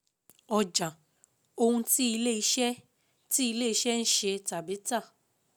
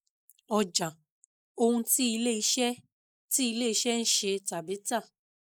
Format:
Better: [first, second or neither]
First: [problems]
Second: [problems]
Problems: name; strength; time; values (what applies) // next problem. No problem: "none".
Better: first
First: none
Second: noise reduction (neural mask model Resemble Enhance denoiser)